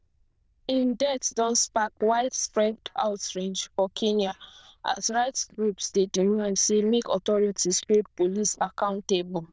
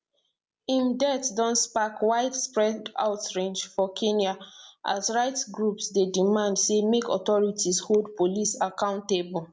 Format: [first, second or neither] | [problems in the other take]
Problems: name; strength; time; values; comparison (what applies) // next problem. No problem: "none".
second | noise reduction (neural diffusion model UNIVERSE++)